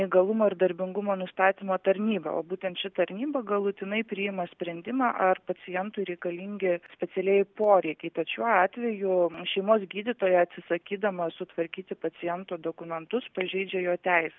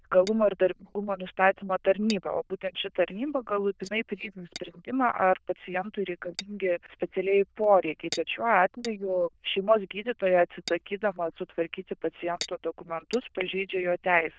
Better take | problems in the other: first | noise reduction (neural diffusion model UNIVERSE++)

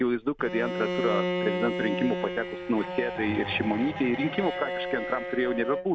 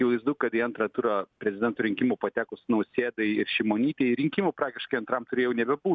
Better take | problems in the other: second | background sound (Bowed string instrument); 4 dB below the speech

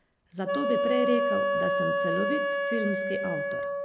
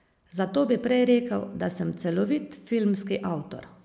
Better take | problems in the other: second | background sound (Wind instrument, woodwind instrument); 4 dB above the speech

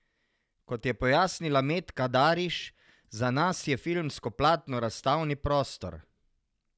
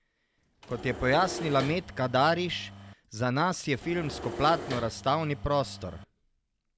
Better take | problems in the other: first | background sound (Engine / Mechanisms); 11 dB below the speech

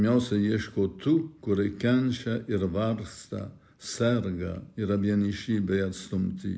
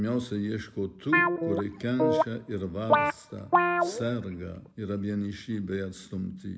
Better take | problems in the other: first | background sound (Guitar); 5 dB above the speech

